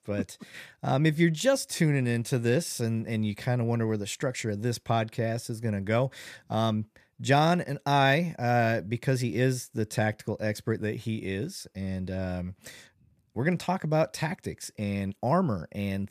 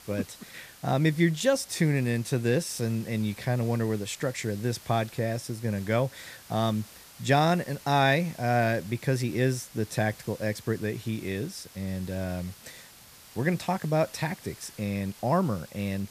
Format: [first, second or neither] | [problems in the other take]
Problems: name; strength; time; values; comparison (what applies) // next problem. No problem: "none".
first | hiss; noticeable; throughout; 20 dB below the speech